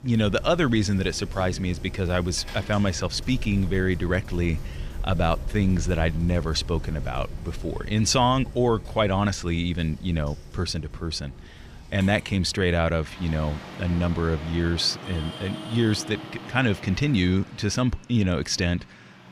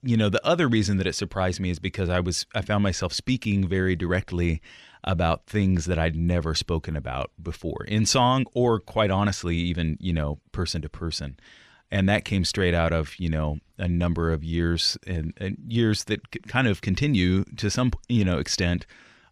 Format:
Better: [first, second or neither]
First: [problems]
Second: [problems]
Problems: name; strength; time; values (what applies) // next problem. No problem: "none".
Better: second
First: traffic noise; noticeable; throughout; 15 dB below the speech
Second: none